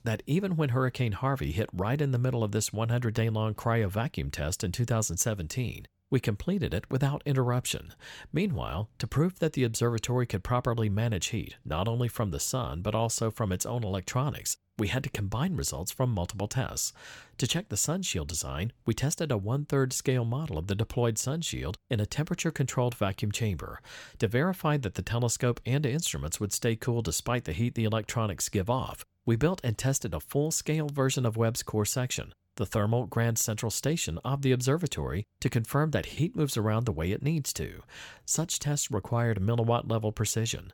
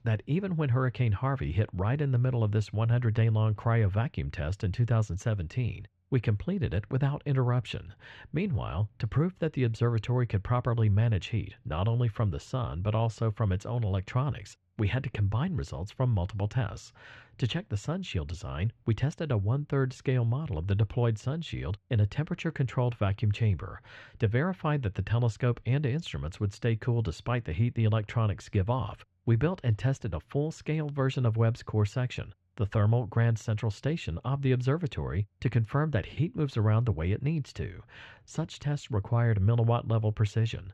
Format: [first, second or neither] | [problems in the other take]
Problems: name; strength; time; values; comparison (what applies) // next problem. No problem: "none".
first | muffled; very; fading above 2.5 kHz